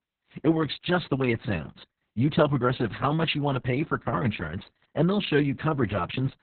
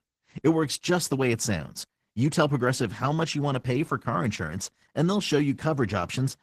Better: second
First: garbled, watery; badly; nothing above 4 kHz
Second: garbled, watery; slightly; nothing above 14.5 kHz

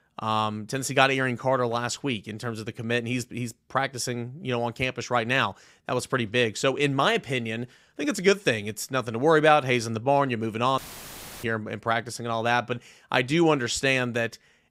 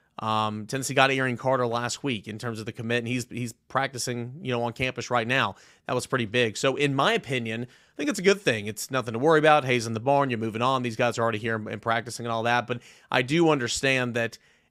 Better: second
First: audio cutting out; filled with static; at 11 s for 0.5 s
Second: none

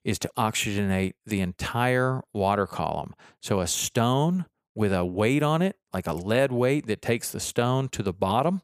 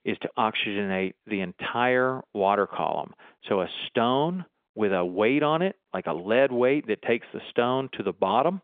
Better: first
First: none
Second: phone-call audio; nothing above 3.5 kHz

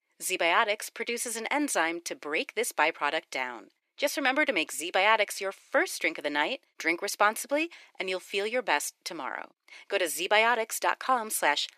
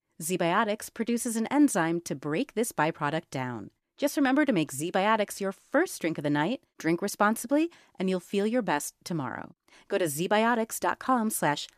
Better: second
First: thin; somewhat; fading below 400 Hz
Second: none

